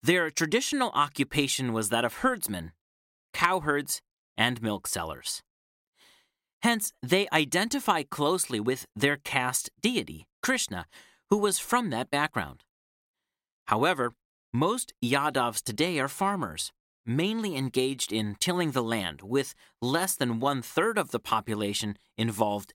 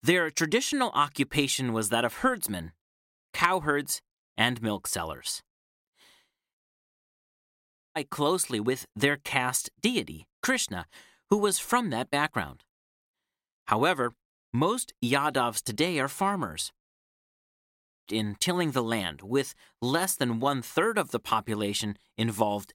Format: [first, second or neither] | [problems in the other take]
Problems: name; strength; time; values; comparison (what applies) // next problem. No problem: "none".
first | audio cutting out; at 6.5 s for 1.5 s and at 17 s for 1 s